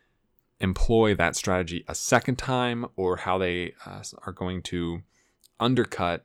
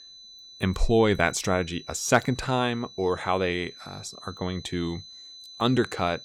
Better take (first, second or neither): first